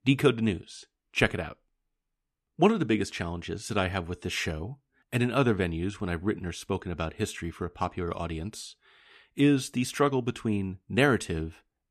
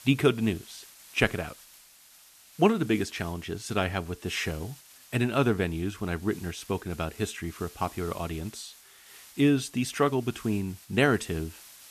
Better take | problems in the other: first | hiss; faint; throughout; 20 dB below the speech

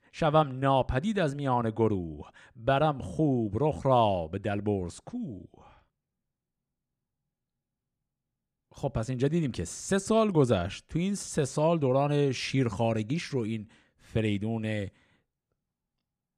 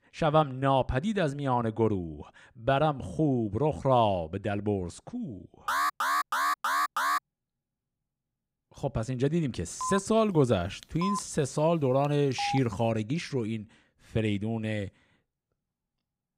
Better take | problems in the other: first | alarm; loud; from 5.5 to 7 s; peak 2 dB above the speech // phone ringing; noticeable; from 10 to 13 s; peak 6 dB below the speech

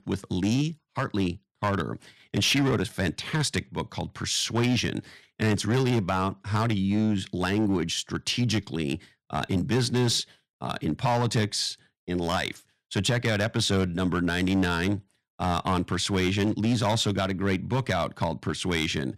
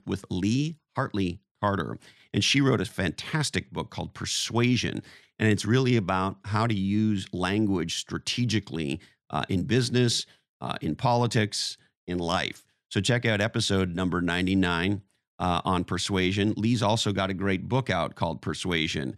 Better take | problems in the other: second | distortion; slight; 6% of the sound clipped

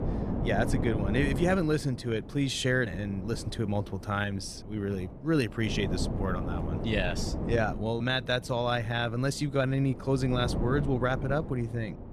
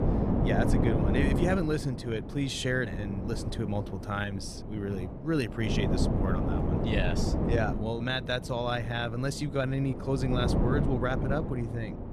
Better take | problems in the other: first | wind noise on the microphone; heavy; 4 dB below the speech; occasional gusts in the first

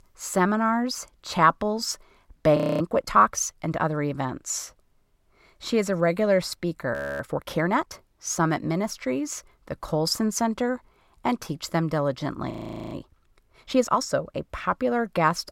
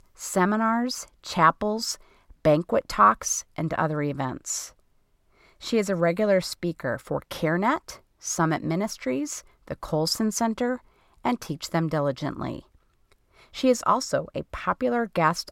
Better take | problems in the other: second | audio freezing; at 2.5 s, at 7 s and at 13 s

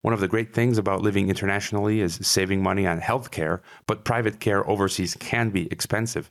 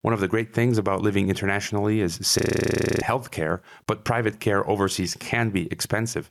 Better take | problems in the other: first | audio freezing; at 2.5 s for 0.5 s

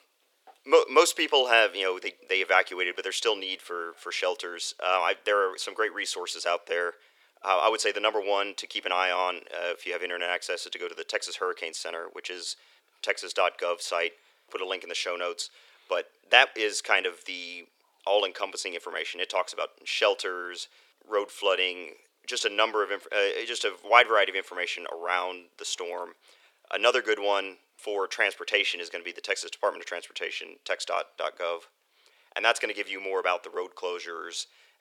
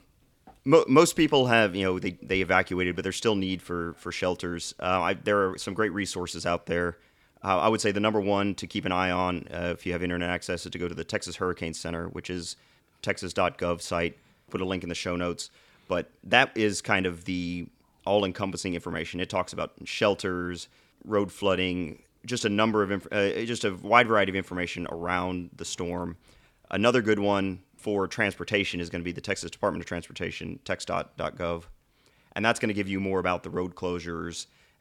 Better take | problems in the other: second | thin; very; fading below 400 Hz

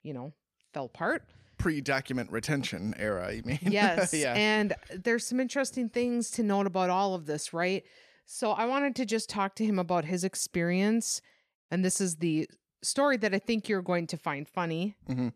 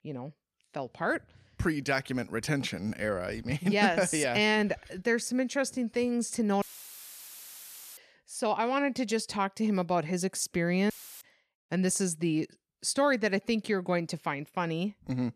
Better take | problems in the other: first | audio cutting out; filled with static; at 6.5 s for 1.5 s and at 11 s

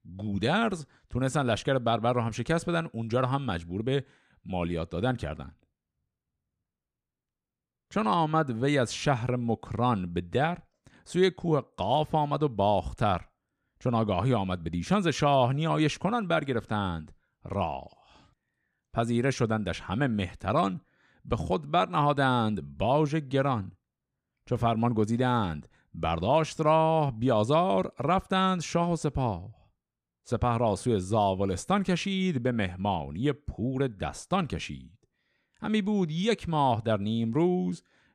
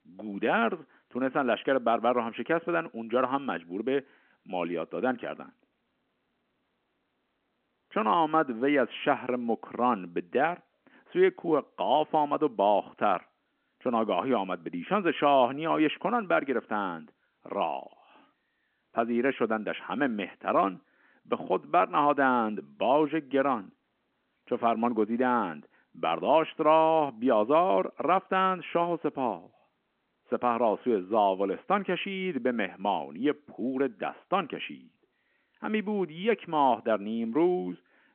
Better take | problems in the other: first | phone-call audio

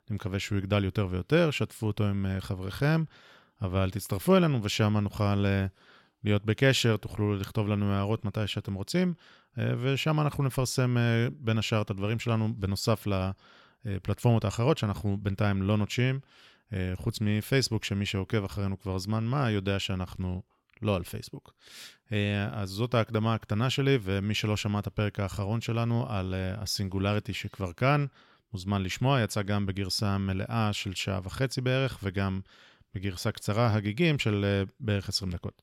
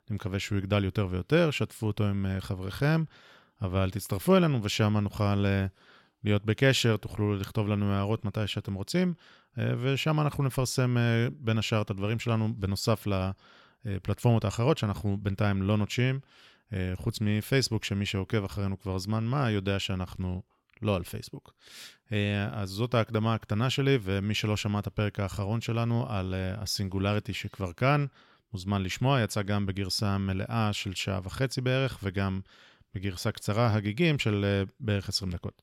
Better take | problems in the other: neither | none

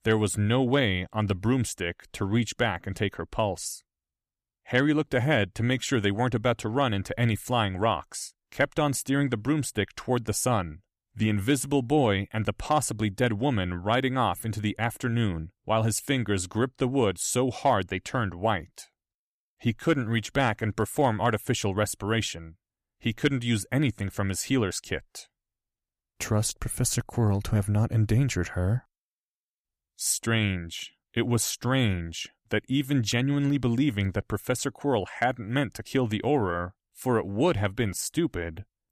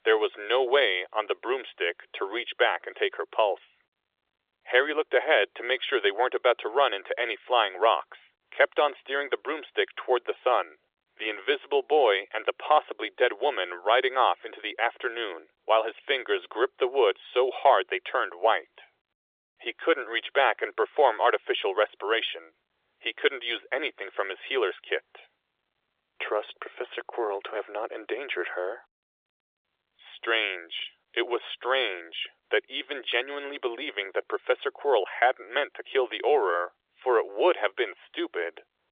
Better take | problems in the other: first | phone-call audio; nothing above 3.5 kHz

